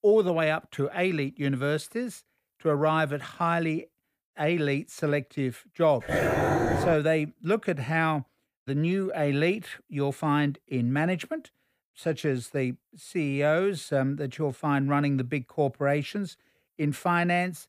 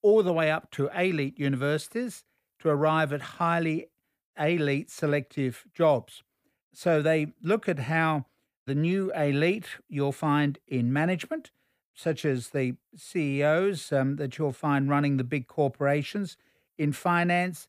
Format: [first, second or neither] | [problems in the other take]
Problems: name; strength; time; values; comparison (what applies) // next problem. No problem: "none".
second | dog barking; loud; at 6 s; peak 3 dB above the speech